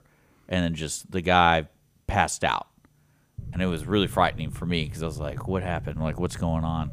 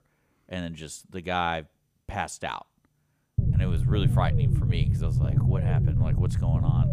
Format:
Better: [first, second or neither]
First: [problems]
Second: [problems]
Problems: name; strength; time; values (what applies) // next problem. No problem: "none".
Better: first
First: low rumble; faint; from 3.5 s on; 25 dB below the speech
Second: low rumble; loud; from 3.5 s on; 3 dB below the speech